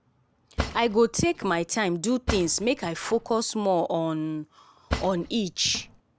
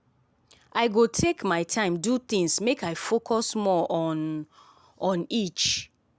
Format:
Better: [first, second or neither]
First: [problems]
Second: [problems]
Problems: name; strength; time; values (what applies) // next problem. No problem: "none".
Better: second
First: background sound (Cutlery, silverware / Drawer open or close); 8 dB below the speech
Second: none